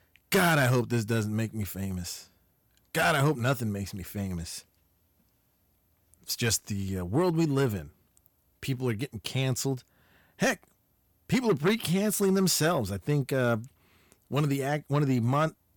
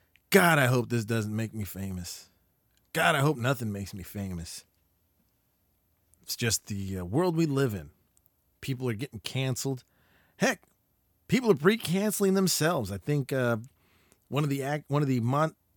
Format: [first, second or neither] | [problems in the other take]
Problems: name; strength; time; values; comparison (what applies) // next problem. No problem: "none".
second | distortion; slight; 10 dB below the speech